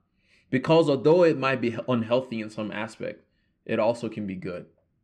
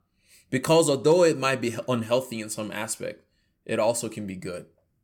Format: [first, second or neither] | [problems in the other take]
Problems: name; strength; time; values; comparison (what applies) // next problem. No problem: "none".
second | muffled; slightly; fading above 2.5 kHz